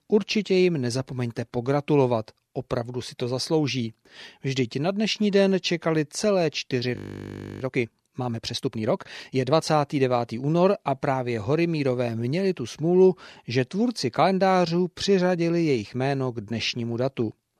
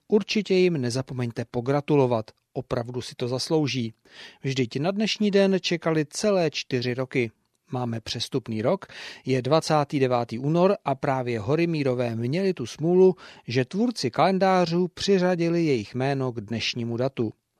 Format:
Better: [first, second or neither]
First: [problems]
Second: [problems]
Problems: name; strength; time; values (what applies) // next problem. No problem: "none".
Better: second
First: audio freezing; at 7 s for 0.5 s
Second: none